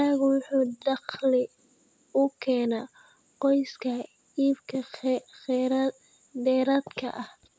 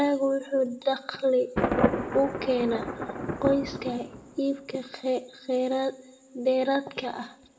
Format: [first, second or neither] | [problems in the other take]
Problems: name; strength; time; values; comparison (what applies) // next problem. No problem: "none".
first | background sound (Thunder); 6 dB below the speech // room echo; dies away in 0.5 s